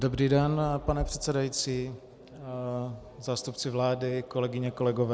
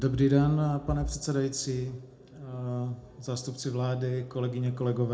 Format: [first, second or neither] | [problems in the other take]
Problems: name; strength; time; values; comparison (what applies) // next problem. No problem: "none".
first | room echo; dies away in 0.4 s